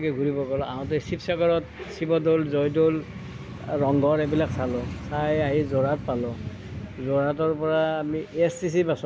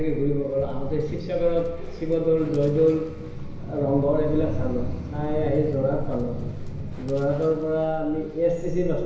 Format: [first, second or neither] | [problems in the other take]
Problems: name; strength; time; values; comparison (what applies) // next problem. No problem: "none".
first | background sound (Livestock, farm animals, working animals); 7 dB below the speech // room echo; dies away in 1 s